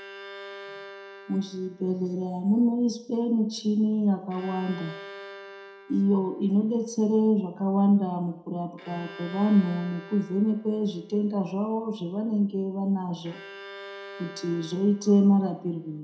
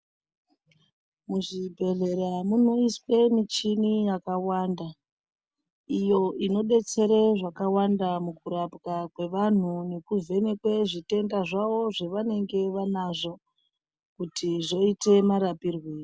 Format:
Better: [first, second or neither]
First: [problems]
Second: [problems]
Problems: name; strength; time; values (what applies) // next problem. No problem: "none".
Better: second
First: background sound (Bowed string instrument); 19 dB below the speech // room echo; dies away in 0.5 s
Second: none